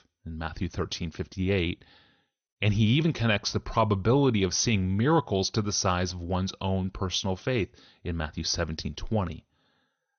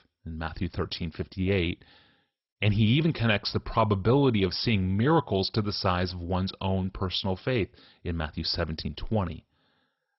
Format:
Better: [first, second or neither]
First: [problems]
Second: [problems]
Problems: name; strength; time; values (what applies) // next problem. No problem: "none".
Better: first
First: garbled, watery; slightly; nothing above 6.5 kHz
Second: garbled, watery; badly; nothing above 5.5 kHz